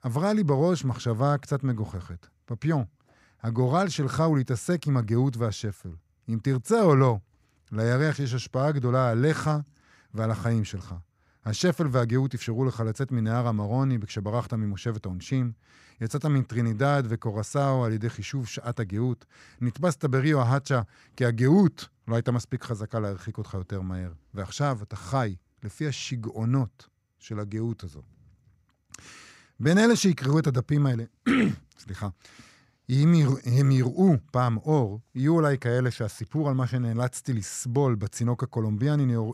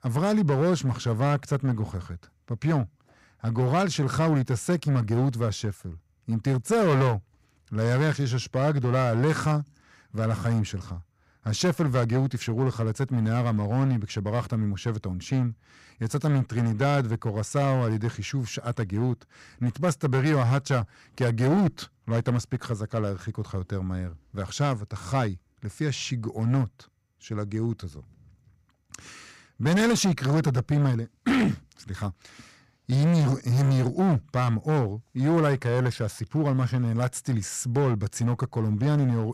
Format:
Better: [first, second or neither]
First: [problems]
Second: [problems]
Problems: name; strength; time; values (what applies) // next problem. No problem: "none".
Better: first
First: none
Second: distortion; slight; 8% of the sound clipped